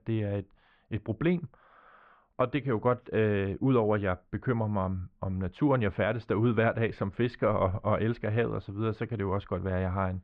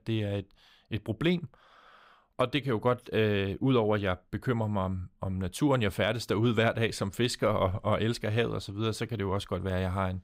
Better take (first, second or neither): second